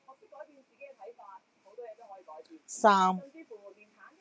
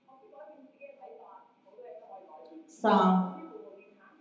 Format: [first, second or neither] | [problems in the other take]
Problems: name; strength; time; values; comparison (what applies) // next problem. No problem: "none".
first | room echo; dies away in 0.9 s